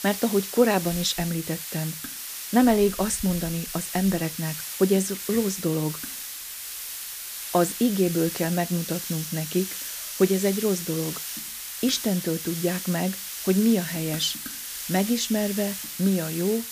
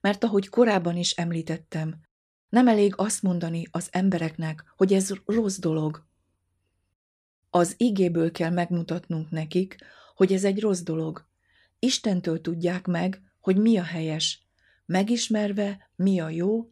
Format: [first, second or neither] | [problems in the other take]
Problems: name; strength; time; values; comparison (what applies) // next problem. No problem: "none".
second | hiss; loud; throughout; 6 dB below the speech